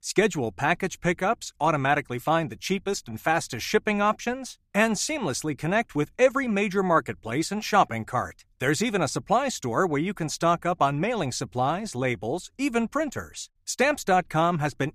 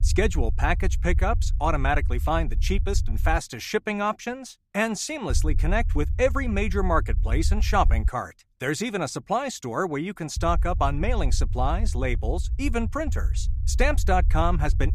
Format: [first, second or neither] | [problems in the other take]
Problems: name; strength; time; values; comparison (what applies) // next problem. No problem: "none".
first | low rumble; faint; until 3.5 s, from 5.5 to 8 s and from 10 s on; 20 dB below the speech